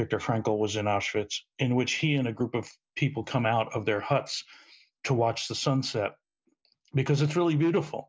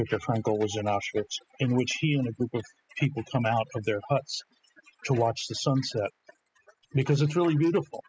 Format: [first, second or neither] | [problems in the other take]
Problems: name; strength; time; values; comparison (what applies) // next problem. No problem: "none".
first | noise reduction (classical method spectral subtraction)